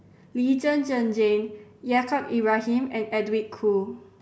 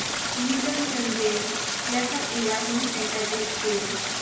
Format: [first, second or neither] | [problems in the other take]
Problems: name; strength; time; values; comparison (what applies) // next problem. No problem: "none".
first | background sound (Stream); 1 dB above the speech // room echo; dies away in 0.9 s